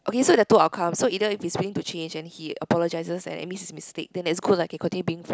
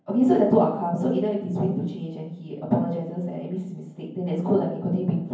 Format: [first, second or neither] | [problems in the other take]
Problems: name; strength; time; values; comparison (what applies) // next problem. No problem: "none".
first | room echo; dies away in 0.9 s